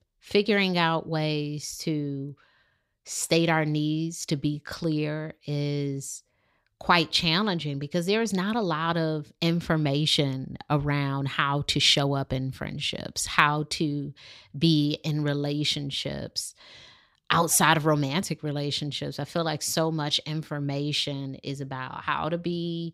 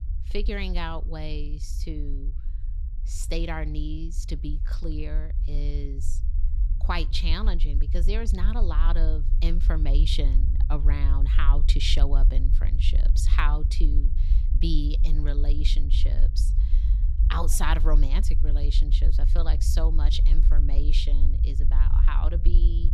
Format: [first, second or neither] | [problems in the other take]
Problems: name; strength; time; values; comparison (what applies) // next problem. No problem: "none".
first | low rumble; noticeable; throughout; 10 dB below the speech